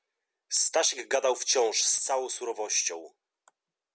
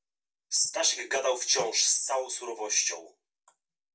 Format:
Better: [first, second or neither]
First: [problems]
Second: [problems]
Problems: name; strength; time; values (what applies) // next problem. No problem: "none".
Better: first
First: none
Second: noise reduction (neural mask model DeepFilterNet 3)